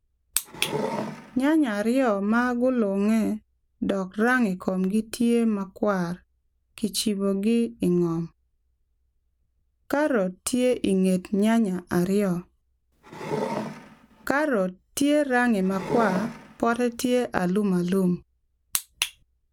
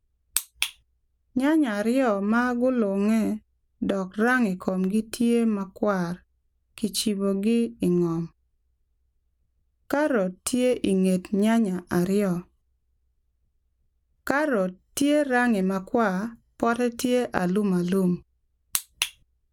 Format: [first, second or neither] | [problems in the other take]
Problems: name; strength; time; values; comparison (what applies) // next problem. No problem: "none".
second | background sound (Wood); 8 dB below the speech